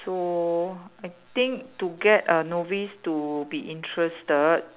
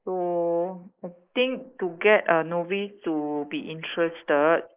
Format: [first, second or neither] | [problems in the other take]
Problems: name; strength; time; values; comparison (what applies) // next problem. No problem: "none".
first | noise reduction (neural mask model Resemble Enhance denoiser)